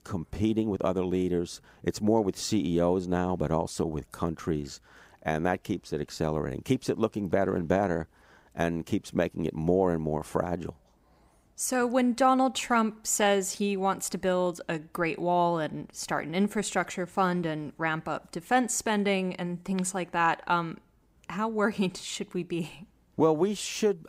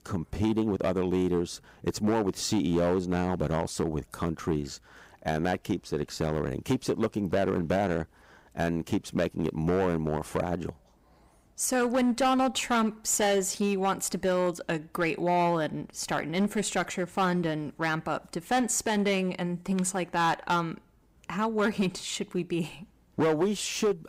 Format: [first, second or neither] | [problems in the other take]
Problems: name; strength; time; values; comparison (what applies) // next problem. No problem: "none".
first | distortion; slight; 7% of the sound clipped